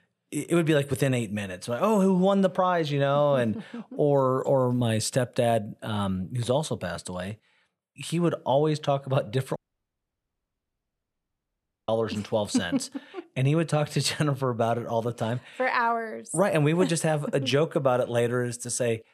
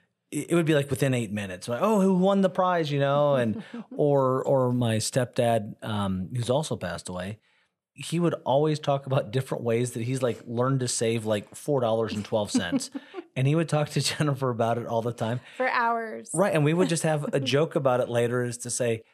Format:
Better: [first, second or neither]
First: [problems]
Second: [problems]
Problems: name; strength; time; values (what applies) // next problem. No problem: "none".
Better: second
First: audio cutting out; at 9.5 s for 2.5 s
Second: none